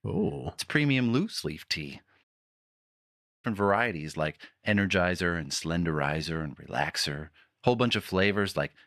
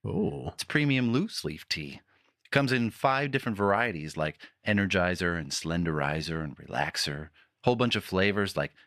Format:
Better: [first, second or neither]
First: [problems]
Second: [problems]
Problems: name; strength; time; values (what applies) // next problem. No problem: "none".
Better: second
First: audio cutting out; at 2 s for 1 s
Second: none